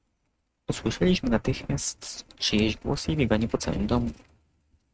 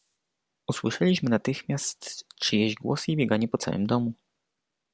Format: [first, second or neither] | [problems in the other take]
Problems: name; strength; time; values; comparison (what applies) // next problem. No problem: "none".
second | noise reduction (neural mask model RNNoise)